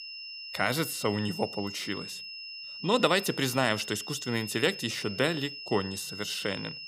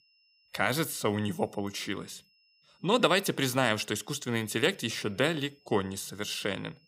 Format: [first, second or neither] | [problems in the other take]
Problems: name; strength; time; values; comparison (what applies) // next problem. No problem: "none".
second | high-pitched whine; loud; throughout; 5 kHz, 9 dB below the speech; faint in the second